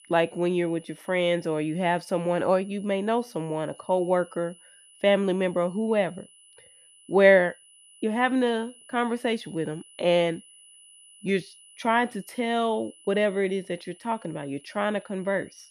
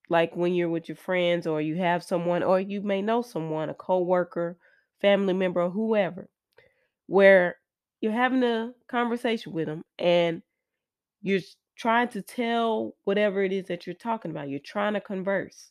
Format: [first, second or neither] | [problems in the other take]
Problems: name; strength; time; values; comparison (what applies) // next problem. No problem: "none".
second | high-pitched whine; faint; throughout; 10 kHz, 25 dB below the speech